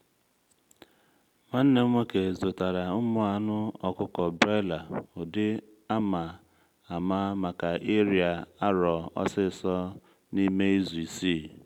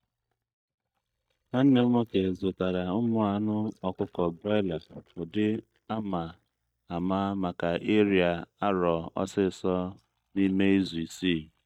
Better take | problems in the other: first | noise reduction (neural mask model DeepFilterNet 3)

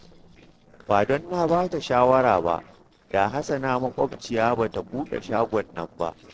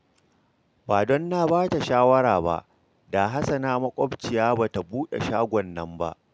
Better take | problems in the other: second | noise reduction (neural separator model SepFormer DNS4)

